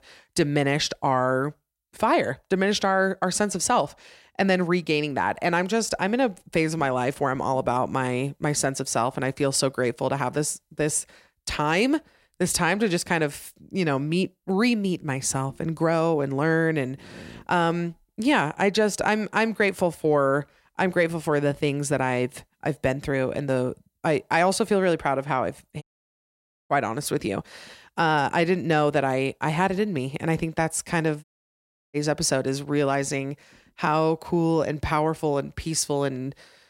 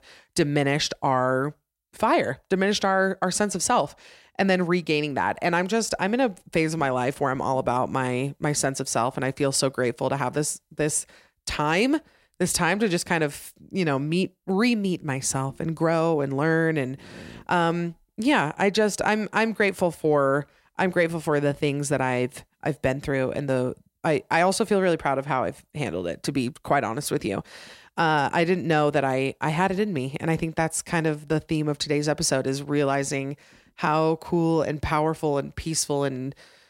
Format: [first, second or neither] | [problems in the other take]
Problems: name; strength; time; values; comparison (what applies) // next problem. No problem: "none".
second | audio cutting out; at 26 s for 1 s and at 31 s for 0.5 s